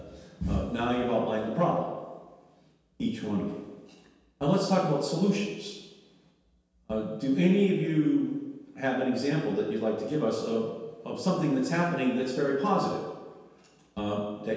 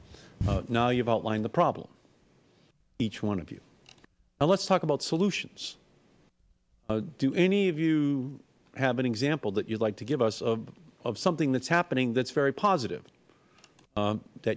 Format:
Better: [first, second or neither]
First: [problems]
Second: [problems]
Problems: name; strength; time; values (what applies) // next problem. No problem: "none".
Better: second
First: room echo; dies away in 1.2 s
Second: none